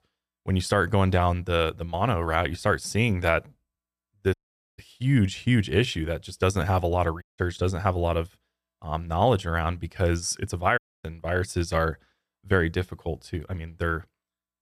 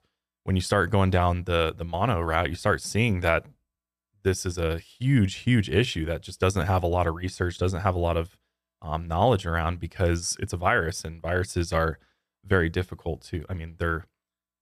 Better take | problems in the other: second | audio cutting out; at 4.5 s, at 7 s and at 11 s

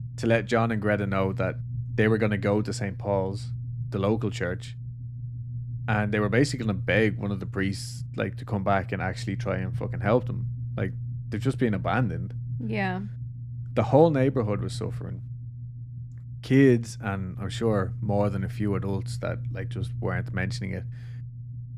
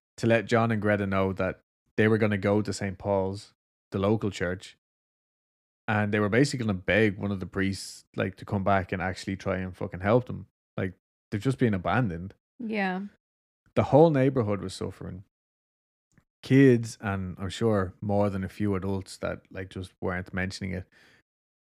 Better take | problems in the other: second | low rumble; noticeable; throughout; 20 dB below the speech

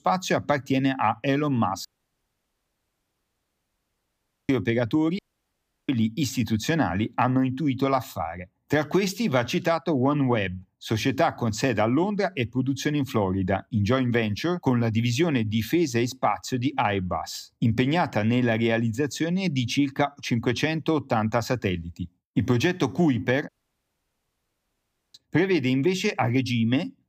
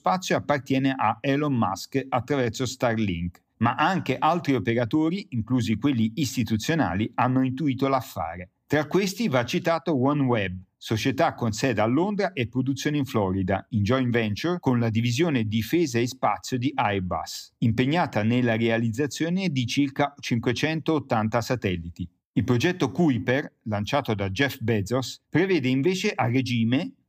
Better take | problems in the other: second | audio cutting out; at 2 s for 2.5 s, at 5 s for 0.5 s and at 23 s for 1.5 s

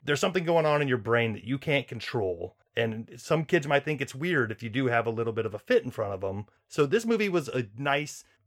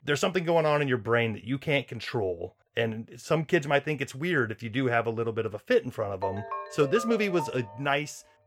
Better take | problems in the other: first | phone ringing; noticeable; from 6 to 8 s; peak 7 dB below the speech

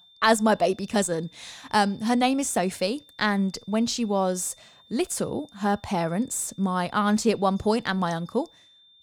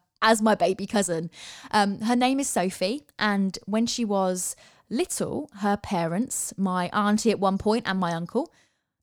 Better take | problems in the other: second | high-pitched whine; faint; throughout; 3.5 kHz, 30 dB below the speech

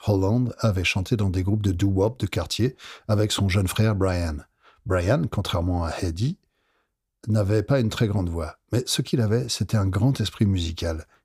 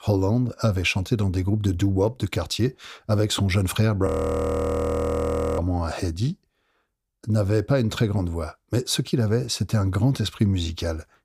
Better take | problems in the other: first | audio freezing; at 4 s for 1.5 s

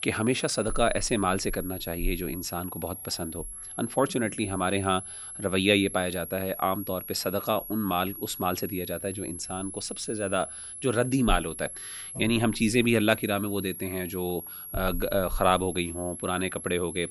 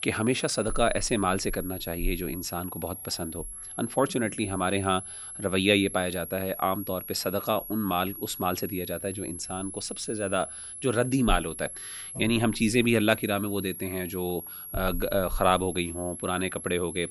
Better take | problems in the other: neither | high-pitched whine; loud; throughout; 11.5 kHz, 9 dB below the speech; the same in both

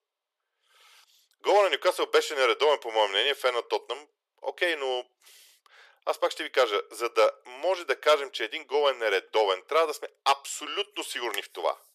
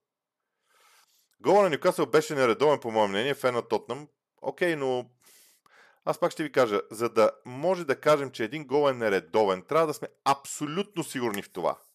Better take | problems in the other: second | thin; very; fading below 400 Hz

